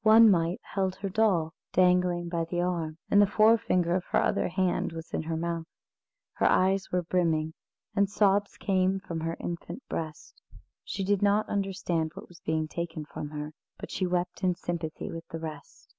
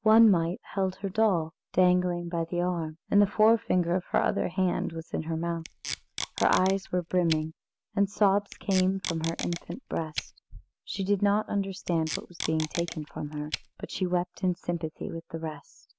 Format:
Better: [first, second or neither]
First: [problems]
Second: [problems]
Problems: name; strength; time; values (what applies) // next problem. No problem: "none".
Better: first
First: none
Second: background sound (Packing tape, duct tape); 12 dB below the speech